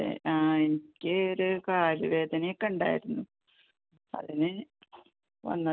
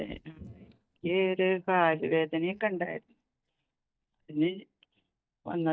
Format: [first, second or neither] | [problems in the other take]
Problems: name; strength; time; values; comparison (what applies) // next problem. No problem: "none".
first | noise reduction (neural mask model DeepFilterNet 3)